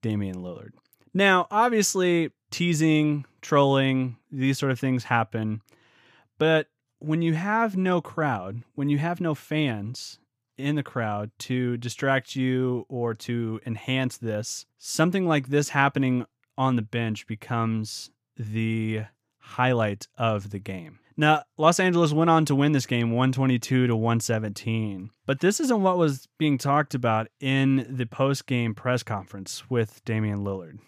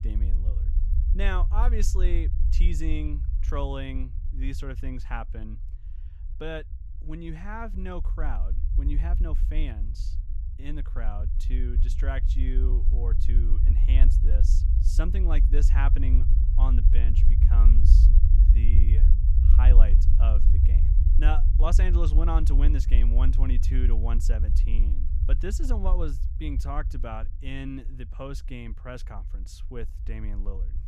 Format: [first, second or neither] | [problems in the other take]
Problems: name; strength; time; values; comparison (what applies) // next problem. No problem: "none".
first | low rumble; loud; throughout; 6 dB below the speech